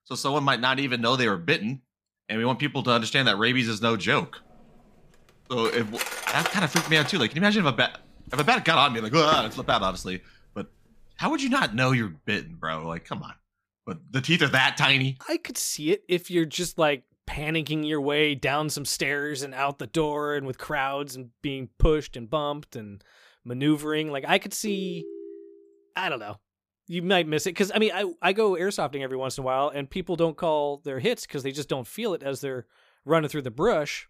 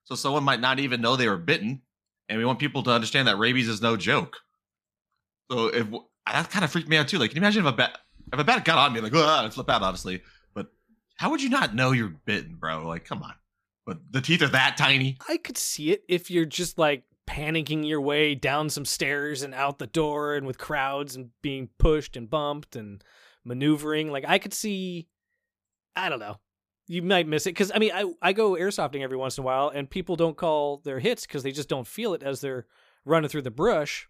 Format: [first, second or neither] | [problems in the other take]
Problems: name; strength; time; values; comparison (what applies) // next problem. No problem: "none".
second | clattering dishes; noticeable; from 5.5 to 9.5 s; peak 2 dB below the speech // phone ringing; faint; at 25 s; peak 10 dB below the speech